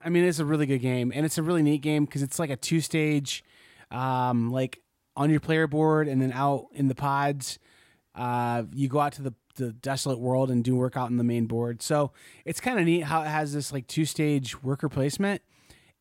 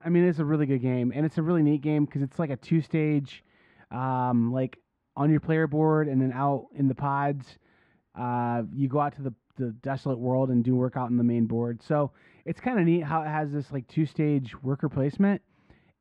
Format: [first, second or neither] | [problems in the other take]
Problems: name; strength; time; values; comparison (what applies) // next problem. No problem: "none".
first | muffled; very; fading above 1.5 kHz